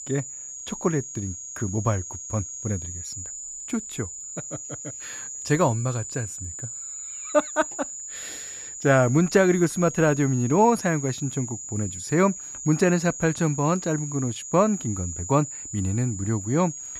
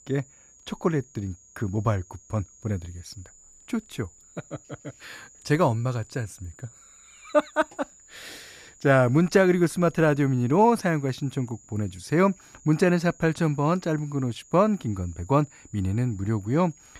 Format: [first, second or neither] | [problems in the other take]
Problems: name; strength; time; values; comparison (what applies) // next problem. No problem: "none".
second | high-pitched whine; loud; throughout; 7 kHz, 9 dB below the speech; faint in the second